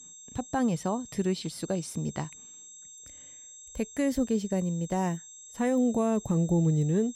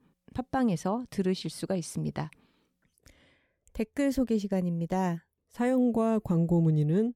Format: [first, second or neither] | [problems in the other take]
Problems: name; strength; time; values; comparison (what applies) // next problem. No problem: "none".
second | high-pitched whine; noticeable; throughout; 7.5 kHz, 15 dB below the speech